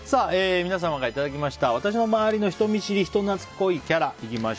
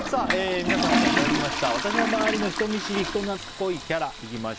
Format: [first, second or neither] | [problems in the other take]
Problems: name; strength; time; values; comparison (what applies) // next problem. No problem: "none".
first | background sound (Toilet flush); 1 dB above the speech